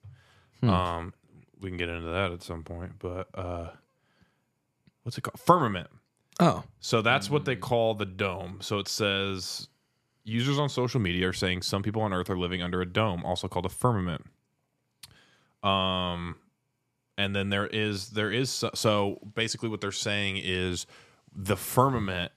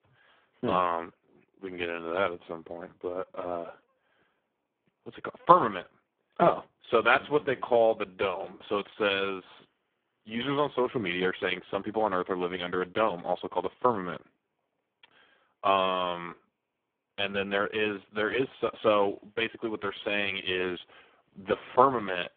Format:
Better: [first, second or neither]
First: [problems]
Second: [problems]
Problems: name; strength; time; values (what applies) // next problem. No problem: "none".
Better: first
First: none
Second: phone-call audio; poor line; nothing above 3.5 kHz